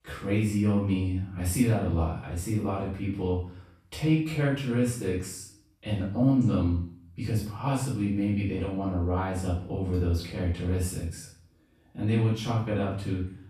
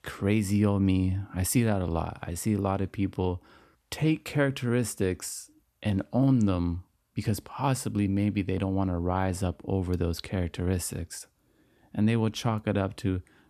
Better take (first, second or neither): second